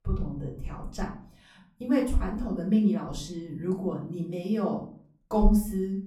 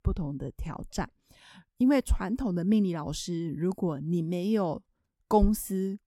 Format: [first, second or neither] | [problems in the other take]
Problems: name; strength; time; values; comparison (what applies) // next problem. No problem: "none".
second | off-mic speech; far // room echo; slight; dies away in 0.4 s